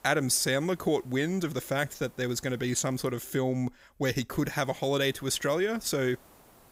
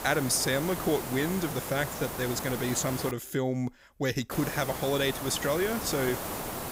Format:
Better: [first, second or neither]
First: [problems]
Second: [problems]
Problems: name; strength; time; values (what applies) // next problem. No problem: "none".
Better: first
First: hiss; faint; until 3 s and from 4.5 s on; 30 dB below the speech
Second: hiss; loud; until 3 s and from 4.5 s on; 6 dB below the speech